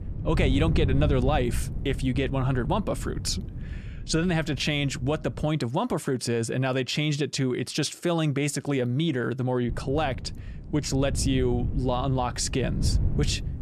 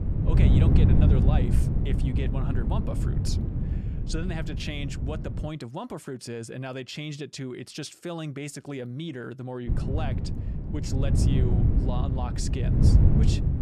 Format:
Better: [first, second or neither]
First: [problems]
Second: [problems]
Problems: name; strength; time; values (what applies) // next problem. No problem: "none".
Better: first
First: wind noise on the microphone; occasional gusts; until 5.5 s and from 9.5 s on; 15 dB below the speech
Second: wind noise on the microphone; heavy; until 5.5 s and from 9.5 s on; 1 dB above the speech